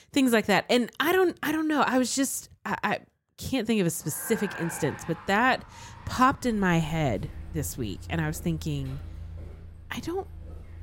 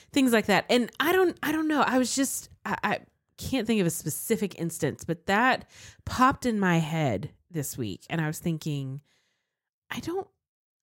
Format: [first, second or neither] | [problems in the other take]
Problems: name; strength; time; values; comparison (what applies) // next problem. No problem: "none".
second | traffic noise; noticeable; from 4.5 s on; 15 dB below the speech